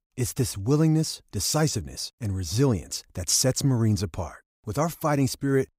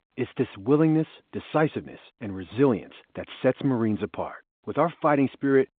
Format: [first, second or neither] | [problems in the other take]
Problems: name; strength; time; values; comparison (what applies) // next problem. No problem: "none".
first | phone-call audio; nothing above 3.5 kHz